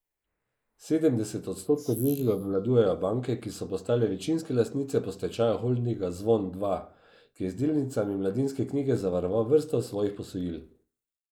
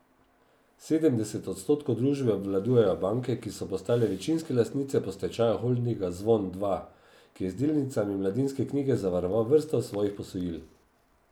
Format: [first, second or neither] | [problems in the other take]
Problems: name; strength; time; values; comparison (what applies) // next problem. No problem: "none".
second | noise reduction (neural mask model Resemble Enhance denoiser)